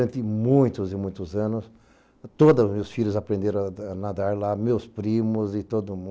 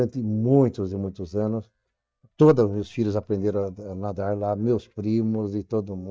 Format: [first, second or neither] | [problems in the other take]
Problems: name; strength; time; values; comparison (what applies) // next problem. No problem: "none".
first | noise reduction (neural mask model DeepFilterNet 3)